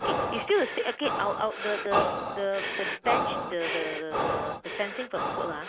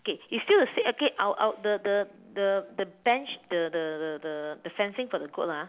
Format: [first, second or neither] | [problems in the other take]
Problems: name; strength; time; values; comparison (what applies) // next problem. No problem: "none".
second | background sound (Breathing); as loud as the speech